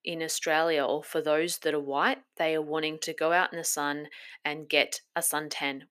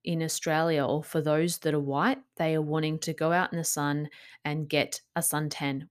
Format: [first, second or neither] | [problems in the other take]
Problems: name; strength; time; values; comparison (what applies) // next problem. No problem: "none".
second | thin; somewhat; fading below 450 Hz